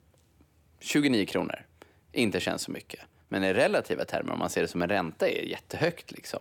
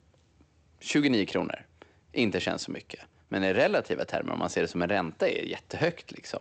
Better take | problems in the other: first | garbled, watery; slightly; nothing above 8 kHz

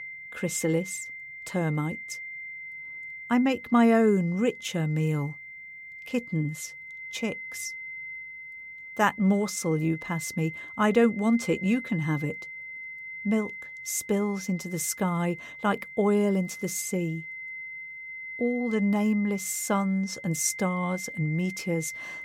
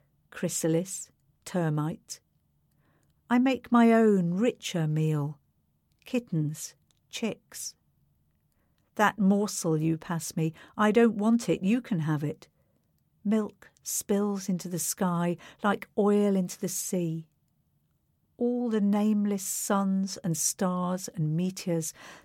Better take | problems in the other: second | high-pitched whine; noticeable; throughout; 2 kHz, 10 dB below the speech

